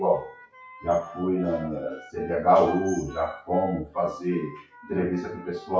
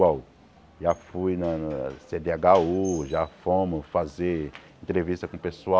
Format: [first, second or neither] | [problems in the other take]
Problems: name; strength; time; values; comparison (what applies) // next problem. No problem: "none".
second | noise reduction (classical method WPE with log-MMSE)